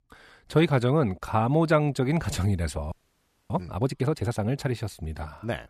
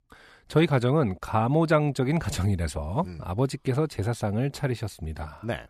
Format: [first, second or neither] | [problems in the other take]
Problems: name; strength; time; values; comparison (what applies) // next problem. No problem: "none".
second | audio freezing; at 3 s for 0.5 s